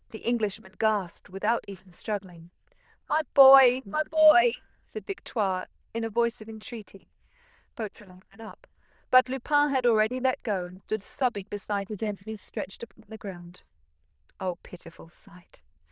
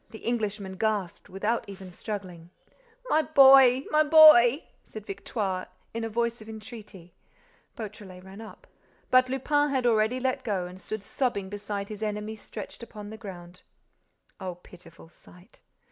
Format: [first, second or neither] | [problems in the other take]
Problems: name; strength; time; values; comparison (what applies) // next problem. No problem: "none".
second | noise reduction (neural diffusion model UNIVERSE++)